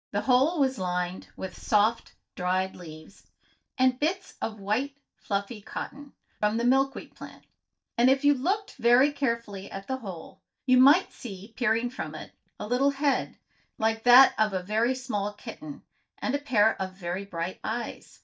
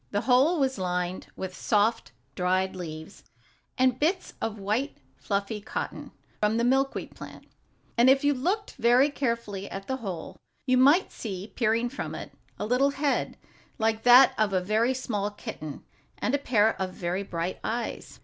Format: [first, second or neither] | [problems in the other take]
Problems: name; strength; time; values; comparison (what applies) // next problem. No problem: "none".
second | noise reduction (neural mask model DeepFilterNet 3)